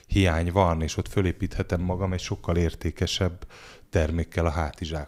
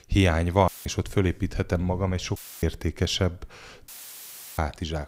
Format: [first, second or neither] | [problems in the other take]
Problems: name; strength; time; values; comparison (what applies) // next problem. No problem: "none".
first | audio cutting out; filled with static; at 0.5 s, at 2.5 s and at 4 s for 0.5 s